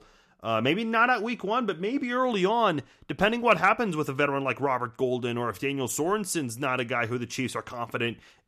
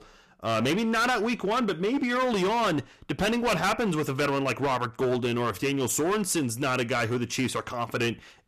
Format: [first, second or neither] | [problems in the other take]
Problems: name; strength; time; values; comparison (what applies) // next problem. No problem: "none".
first | distortion; heavy; 18% of the sound clipped